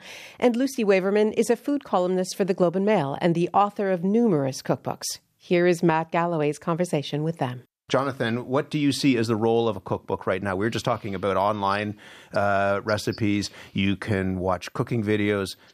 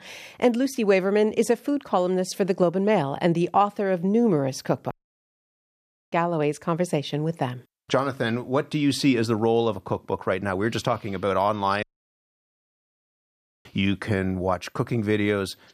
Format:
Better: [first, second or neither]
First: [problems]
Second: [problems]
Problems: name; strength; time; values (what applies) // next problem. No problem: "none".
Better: first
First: none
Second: audio cutting out; at 5 s for 1 s and at 12 s for 2 s